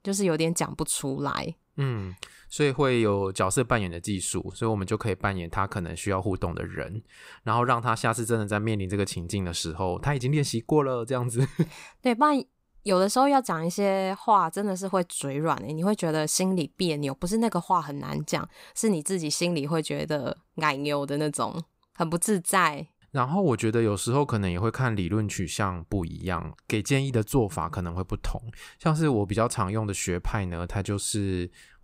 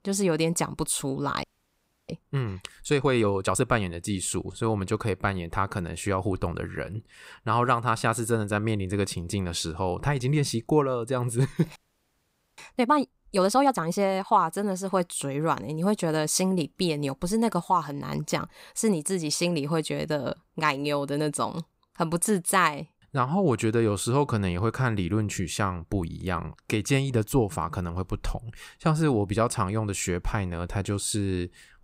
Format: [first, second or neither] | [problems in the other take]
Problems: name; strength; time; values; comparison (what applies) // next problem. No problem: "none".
first | audio freezing; at 1.5 s for 0.5 s and at 12 s for 1 s